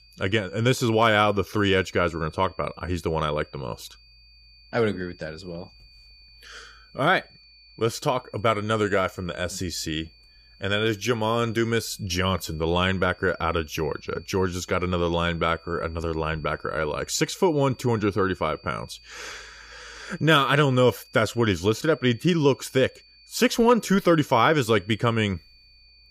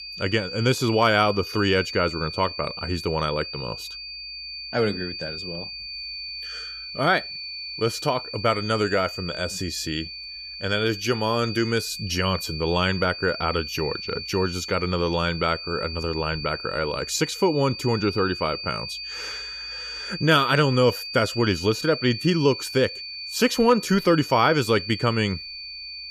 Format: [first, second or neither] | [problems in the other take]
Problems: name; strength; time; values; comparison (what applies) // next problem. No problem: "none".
first | high-pitched whine; loud; throughout; 4.5 kHz, 9 dB below the speech; faint in the first